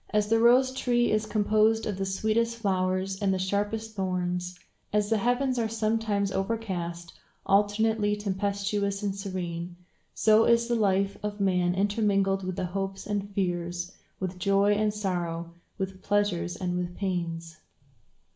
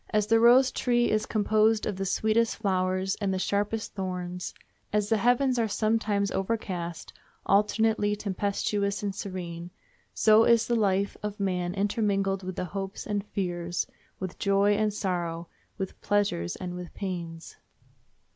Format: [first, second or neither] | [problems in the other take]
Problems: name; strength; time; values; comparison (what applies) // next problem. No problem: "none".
second | room echo; dies away in 0.4 s